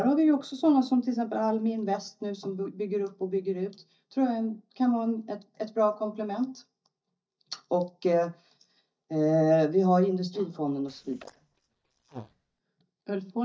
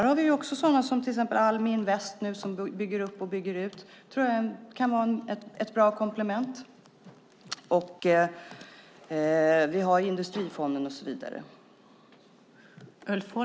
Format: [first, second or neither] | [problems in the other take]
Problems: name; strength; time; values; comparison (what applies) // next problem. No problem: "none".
second | noise reduction (neural mask model DeepFilterNet 3)